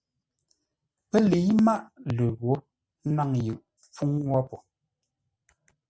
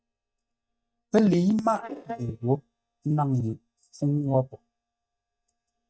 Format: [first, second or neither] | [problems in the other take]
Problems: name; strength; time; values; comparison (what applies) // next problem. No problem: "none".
first | noise reduction (neural mask model DeepFilterNet 3)